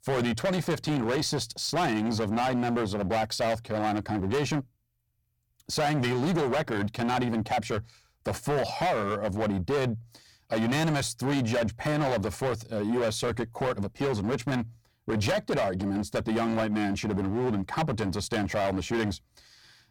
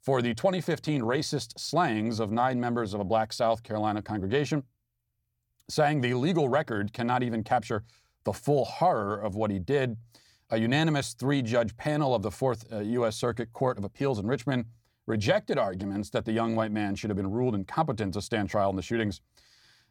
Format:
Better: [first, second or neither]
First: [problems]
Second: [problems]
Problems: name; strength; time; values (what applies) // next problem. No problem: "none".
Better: second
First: distortion; heavy; 19% of the sound clipped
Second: none